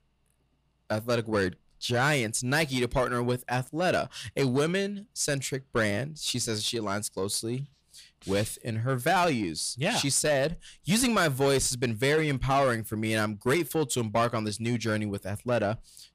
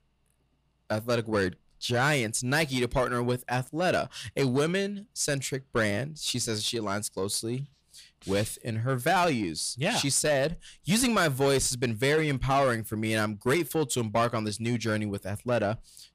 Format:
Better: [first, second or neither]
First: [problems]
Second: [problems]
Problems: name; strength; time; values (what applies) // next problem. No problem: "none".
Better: neither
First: distortion; slight; 10 dB below the speech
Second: distortion; slight; 10 dB below the speech